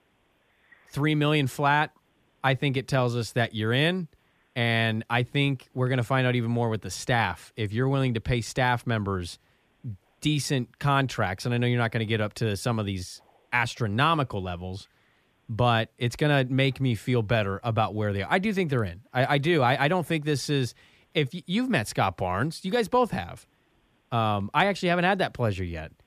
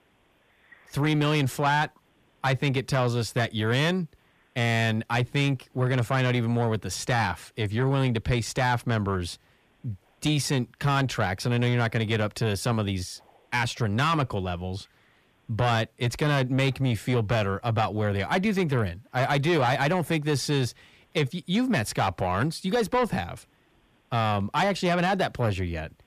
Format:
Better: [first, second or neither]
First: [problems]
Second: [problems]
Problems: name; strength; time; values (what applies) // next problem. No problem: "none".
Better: first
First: none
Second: distortion; slight; 10 dB below the speech